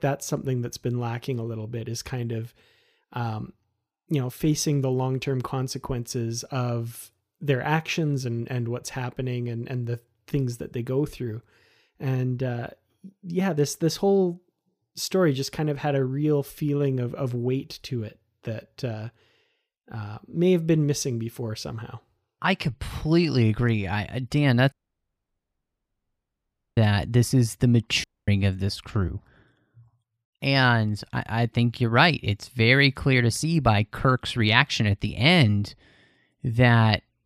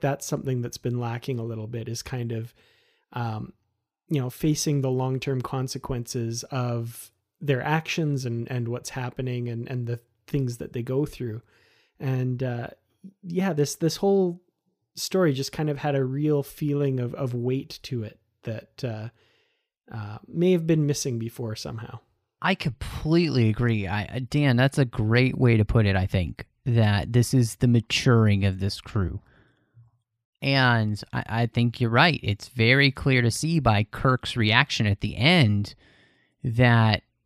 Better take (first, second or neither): second